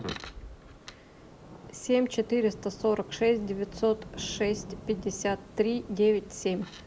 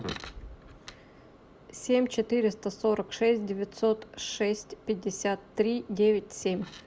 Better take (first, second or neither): second